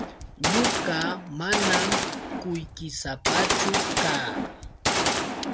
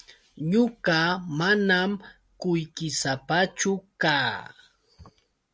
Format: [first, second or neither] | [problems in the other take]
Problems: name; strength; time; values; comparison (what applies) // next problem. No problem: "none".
second | background sound (Gunshot, gunfire); 4 dB above the speech